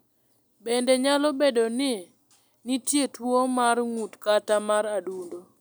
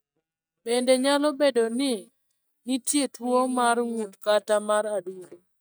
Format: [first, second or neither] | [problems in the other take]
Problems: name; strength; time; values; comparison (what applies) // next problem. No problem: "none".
first | noise reduction (neural mask model DeepFilterNet 3)